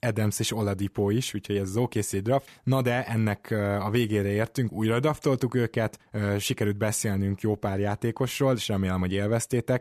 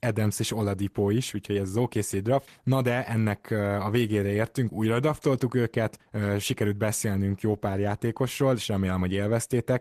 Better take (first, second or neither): first